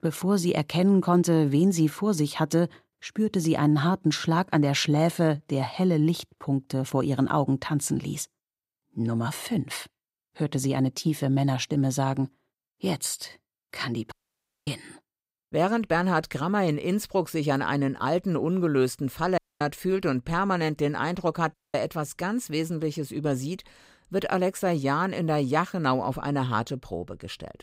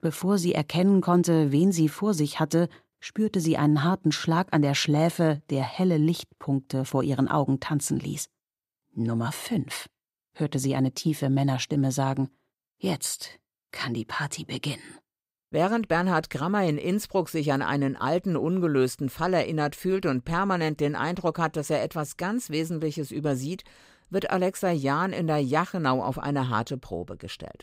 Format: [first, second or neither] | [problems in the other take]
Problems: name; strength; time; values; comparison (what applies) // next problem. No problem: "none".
second | audio cutting out; at 14 s for 0.5 s, at 19 s and at 22 s